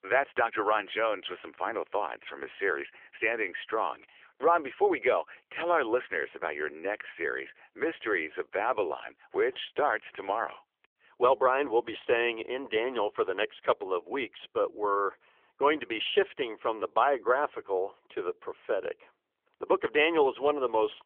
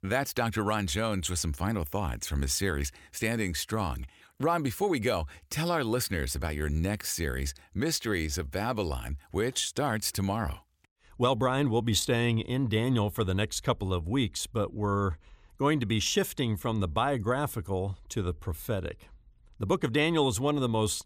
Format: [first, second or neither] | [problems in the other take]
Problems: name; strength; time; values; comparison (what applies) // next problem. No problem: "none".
second | phone-call audio; nothing above 3.5 kHz